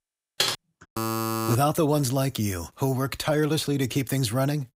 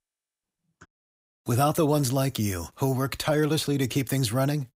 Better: second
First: keyboard typing; loud; at 0.5 s; peak level with the speech // alarm; noticeable; at 1 s; peak 2 dB below the speech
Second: none

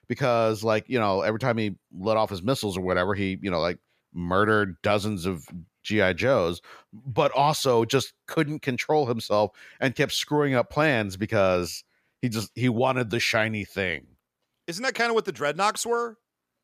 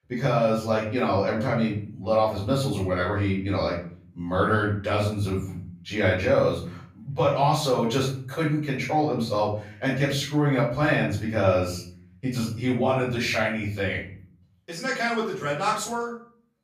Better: first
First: none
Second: off-mic speech; far // room echo; noticeable; dies away in 0.6 s

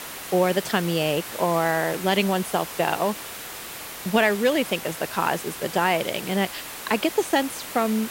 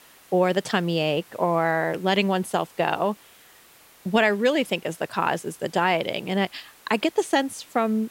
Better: second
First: hiss; loud; throughout; 10 dB below the speech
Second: hiss; faint; throughout; 25 dB below the speech

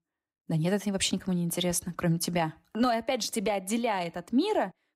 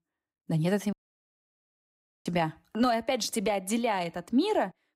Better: first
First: none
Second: audio cutting out; at 1 s for 1.5 s

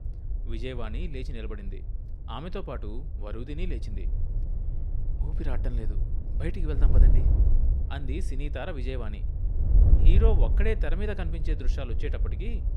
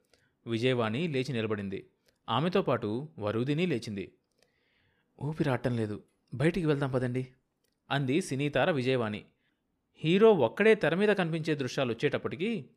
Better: second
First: wind noise on the microphone; heavy; 8 dB below the speech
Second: none

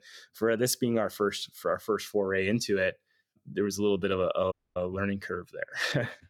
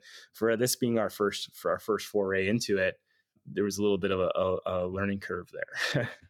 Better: second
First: audio cutting out; at 4.5 s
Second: none

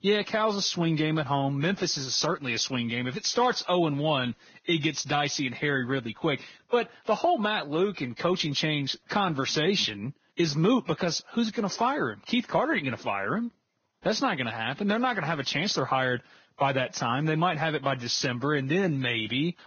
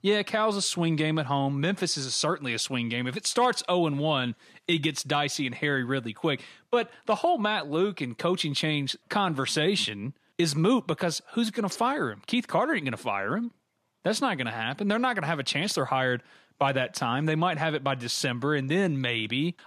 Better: second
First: garbled, watery; badly; nothing above 6.5 kHz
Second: none

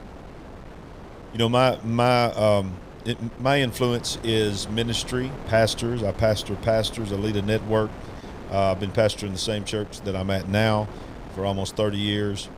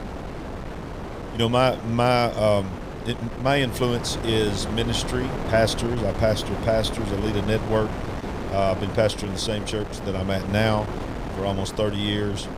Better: first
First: wind noise on the microphone; occasional gusts; 15 dB below the speech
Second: wind noise on the microphone; heavy; 9 dB below the speech

